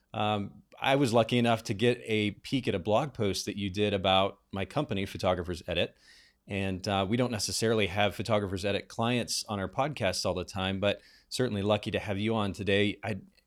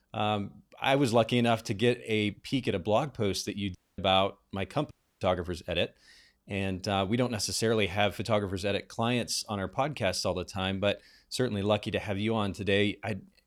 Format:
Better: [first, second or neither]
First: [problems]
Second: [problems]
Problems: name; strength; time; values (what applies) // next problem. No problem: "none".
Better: first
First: none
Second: audio cutting out; at 4 s and at 5 s